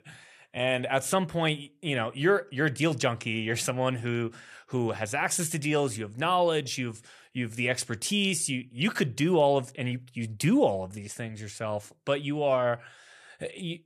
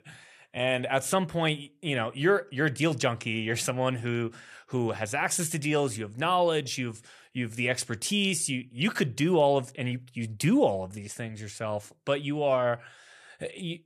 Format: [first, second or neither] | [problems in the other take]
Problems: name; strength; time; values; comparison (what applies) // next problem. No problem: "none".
neither | none